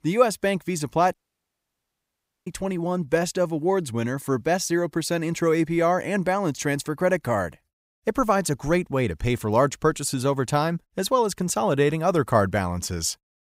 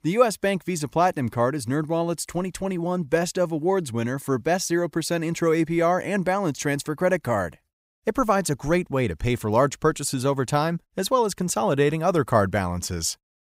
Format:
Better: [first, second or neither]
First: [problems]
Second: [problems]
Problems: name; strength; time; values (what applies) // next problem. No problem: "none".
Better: second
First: audio cutting out; at 1 s for 1.5 s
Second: none